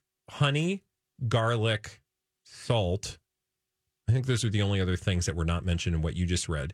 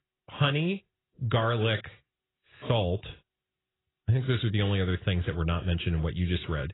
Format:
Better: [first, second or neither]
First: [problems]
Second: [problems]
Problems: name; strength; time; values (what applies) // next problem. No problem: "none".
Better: first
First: none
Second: garbled, watery; badly; nothing above 4 kHz